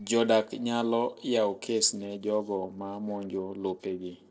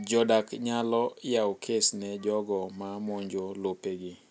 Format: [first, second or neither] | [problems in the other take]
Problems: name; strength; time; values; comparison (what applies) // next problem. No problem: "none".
second | noise reduction (neural separator model SepFormer DNS4)